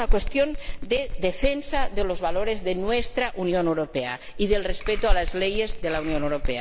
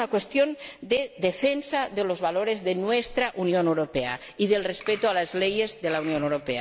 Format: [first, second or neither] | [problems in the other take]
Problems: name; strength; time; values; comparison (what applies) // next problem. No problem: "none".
second | background sound (Bell); as loud as the speech